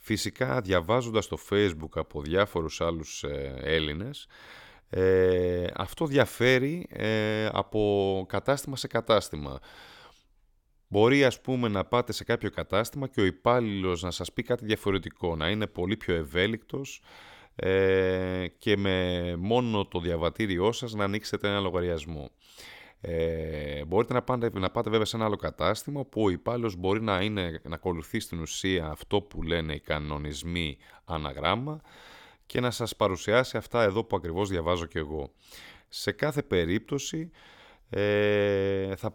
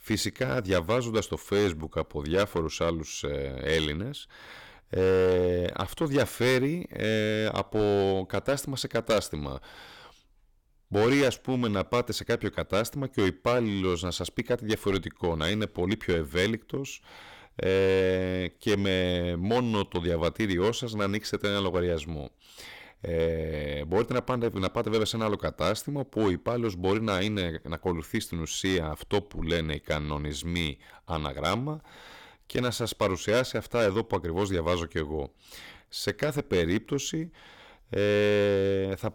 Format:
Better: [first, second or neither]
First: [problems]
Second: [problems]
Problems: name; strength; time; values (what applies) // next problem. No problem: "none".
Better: first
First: none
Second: distortion; slight; 5% of the sound clipped